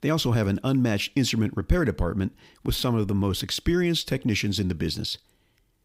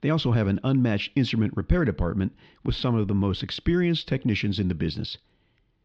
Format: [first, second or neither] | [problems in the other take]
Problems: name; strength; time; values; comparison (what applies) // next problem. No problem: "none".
first | muffled; very slightly; fading above 4 kHz